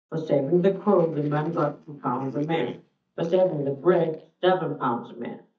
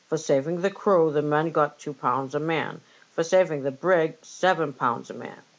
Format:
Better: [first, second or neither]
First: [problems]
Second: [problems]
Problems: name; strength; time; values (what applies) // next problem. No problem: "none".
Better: second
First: noise reduction (neural mask model DeepFilterNet 3)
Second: none